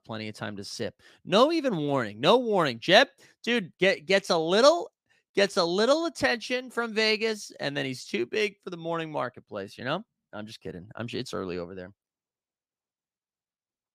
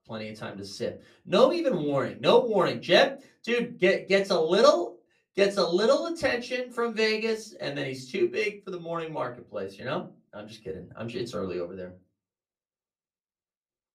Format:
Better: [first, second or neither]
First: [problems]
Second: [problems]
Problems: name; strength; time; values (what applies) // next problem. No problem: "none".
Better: first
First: none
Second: off-mic speech; far // room echo; very slight; dies away in 0.2 s